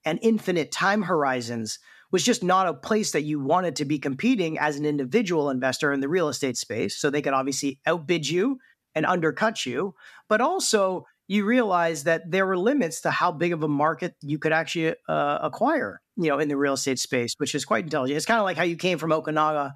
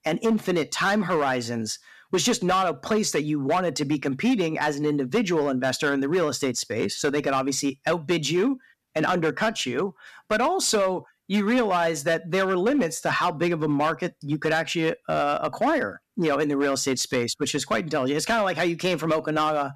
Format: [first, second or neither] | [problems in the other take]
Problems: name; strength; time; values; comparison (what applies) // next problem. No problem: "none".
first | distortion; slight; 7% of the sound clipped